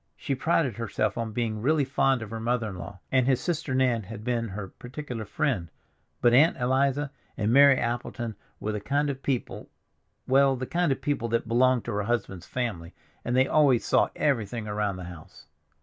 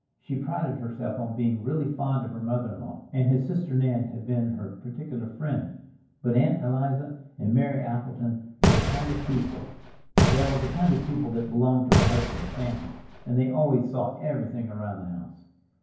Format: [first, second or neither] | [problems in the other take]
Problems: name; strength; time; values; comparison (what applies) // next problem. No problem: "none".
first | background sound (Fireworks); 2 dB above the speech // room echo; dies away in 0.9 s